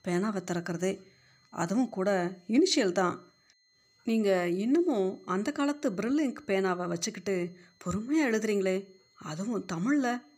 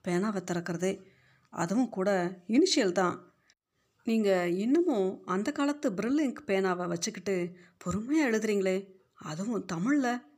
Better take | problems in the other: second | high-pitched whine; faint; throughout; 4 kHz, 35 dB below the speech

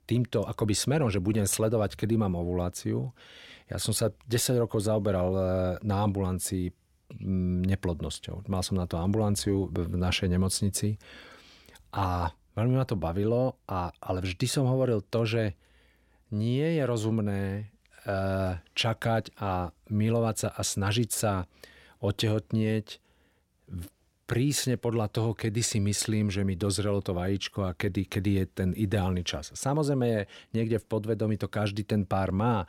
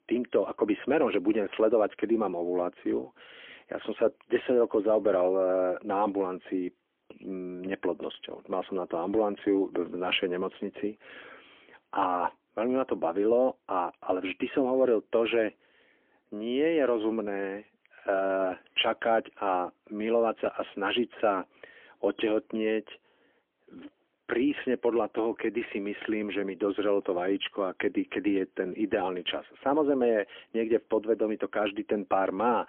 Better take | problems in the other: first | phone-call audio; poor line; nothing above 3.5 kHz

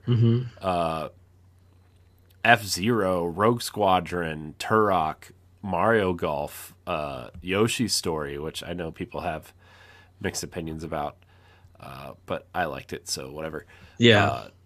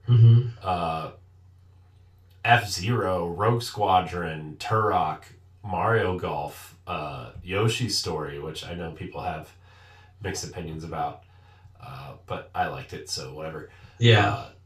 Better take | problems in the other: first | room echo; slight; dies away in 0.3 s // off-mic speech; far

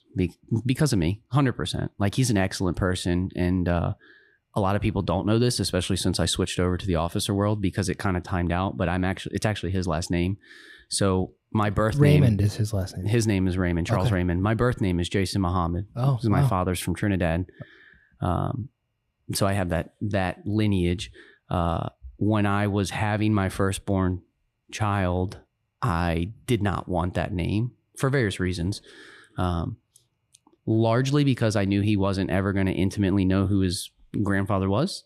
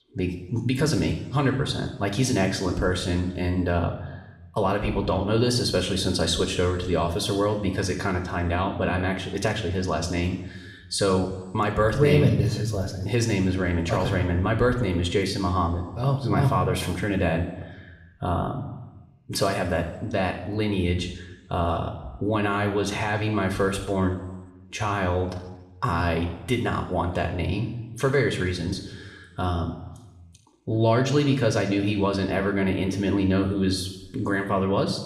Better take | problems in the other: first | room echo; slight; dies away in 0.9 s // off-mic speech; somewhat distant

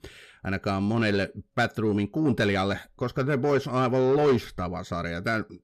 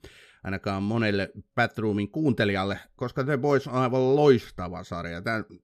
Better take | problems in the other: second | distortion; slight; 10 dB below the speech

